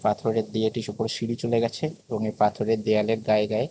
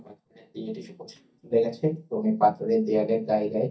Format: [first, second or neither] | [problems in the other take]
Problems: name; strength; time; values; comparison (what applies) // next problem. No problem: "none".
first | noise reduction (neural mask model DeepFilterNet 3)